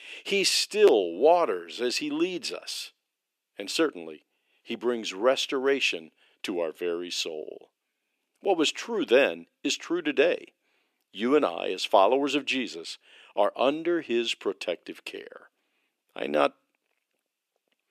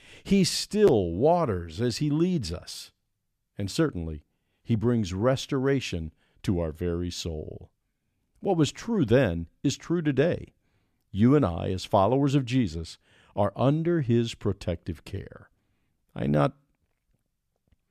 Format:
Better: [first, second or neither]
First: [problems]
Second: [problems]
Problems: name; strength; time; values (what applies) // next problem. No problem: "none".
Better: second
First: thin; somewhat; fading below 350 Hz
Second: none